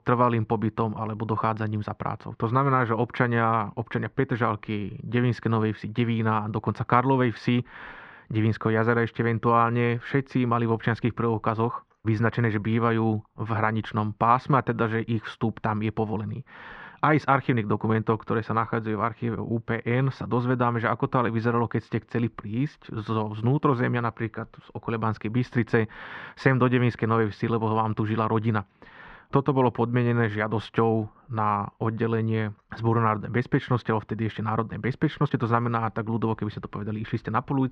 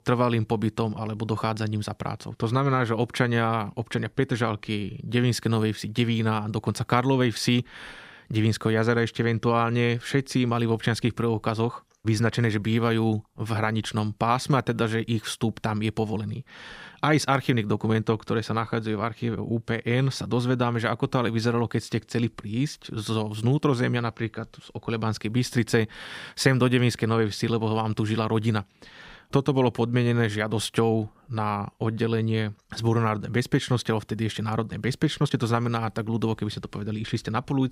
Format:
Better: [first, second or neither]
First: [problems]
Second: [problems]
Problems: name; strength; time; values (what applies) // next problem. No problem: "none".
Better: second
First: muffled; very; fading above 2 kHz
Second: none